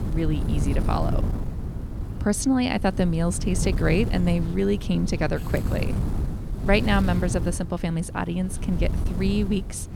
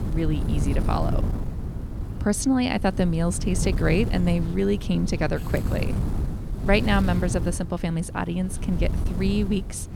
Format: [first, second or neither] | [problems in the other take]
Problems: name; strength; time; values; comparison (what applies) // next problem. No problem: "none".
neither | wind noise on the microphone; occasional gusts; 10 dB below the speech; the same in both